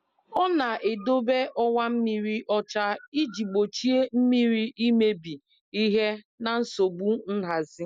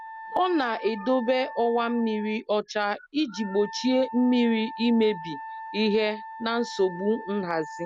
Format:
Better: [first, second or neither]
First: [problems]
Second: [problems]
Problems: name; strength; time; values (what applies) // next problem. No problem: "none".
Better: first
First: none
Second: background sound (Wind instrument, woodwind instrument); 14 dB below the speech